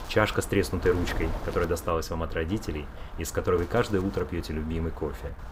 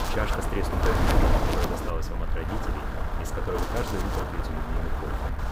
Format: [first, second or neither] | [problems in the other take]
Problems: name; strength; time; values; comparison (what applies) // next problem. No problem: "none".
first | wind noise on the microphone; heavy; 5 dB above the speech; occasional gusts in the first